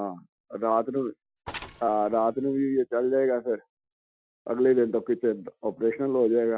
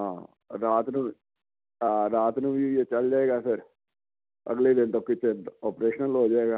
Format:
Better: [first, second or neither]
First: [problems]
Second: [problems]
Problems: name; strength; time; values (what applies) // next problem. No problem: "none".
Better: second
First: noise reduction (classical method Wiener filter)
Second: none